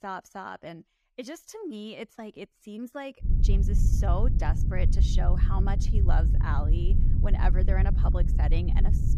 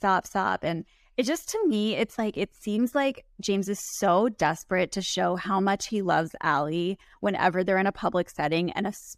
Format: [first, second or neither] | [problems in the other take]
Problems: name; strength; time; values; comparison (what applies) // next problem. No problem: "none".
second | low rumble; loud; from 3.5 s on; 5 dB below the speech